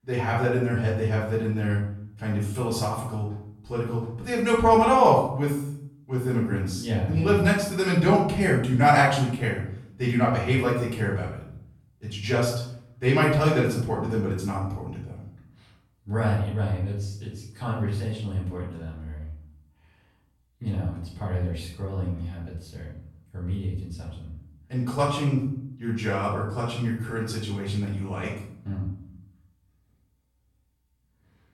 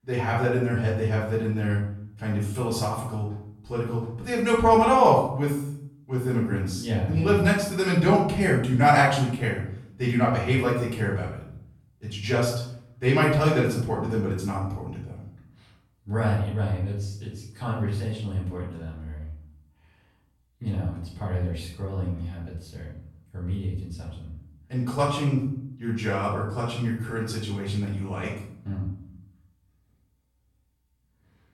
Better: neither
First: off-mic speech; far // room echo; noticeable; dies away in 0.6 s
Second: off-mic speech; far // room echo; noticeable; dies away in 0.6 s

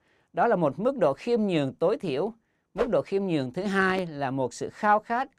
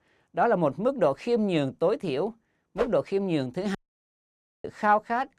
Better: first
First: none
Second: audio cutting out; at 4 s for 1 s

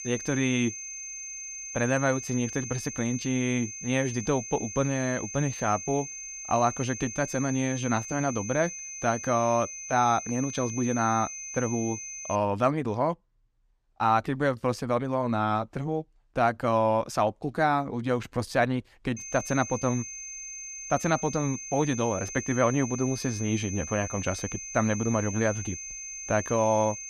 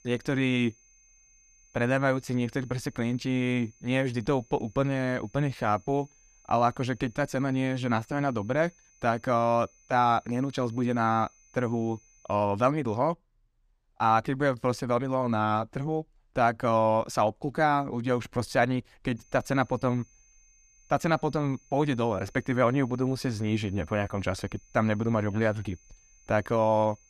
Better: second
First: high-pitched whine; loud; until 12 s and from 19 s on; 6.5 kHz, 8 dB below the speech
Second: high-pitched whine; faint; until 12 s and from 19 s on; 6.5 kHz, 30 dB below the speech

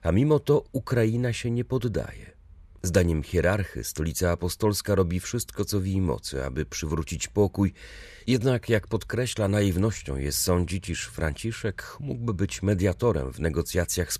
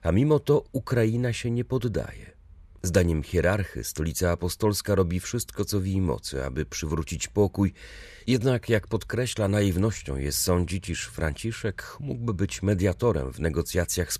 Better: neither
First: none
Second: none

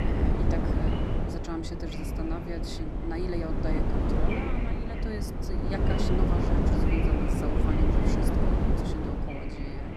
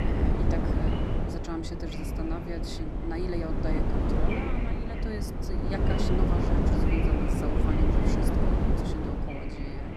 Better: neither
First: wind noise on the microphone; heavy; 5 dB above the speech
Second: wind noise on the microphone; heavy; 5 dB above the speech

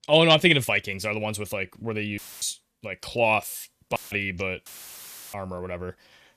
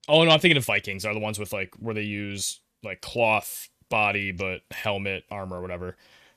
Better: second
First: audio cutting out; filled with static; at 2 s, at 4 s and at 4.5 s for 0.5 s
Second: none

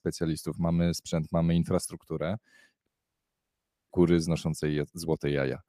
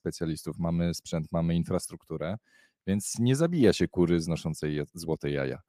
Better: second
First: audio cutting out; at 3 s for 1 s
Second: none

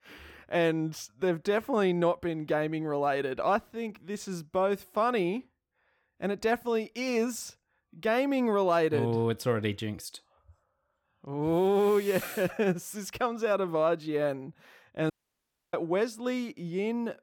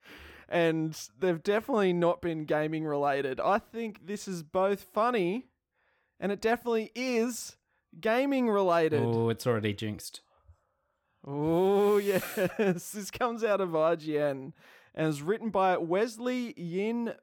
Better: second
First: audio cutting out; at 15 s for 0.5 s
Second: none

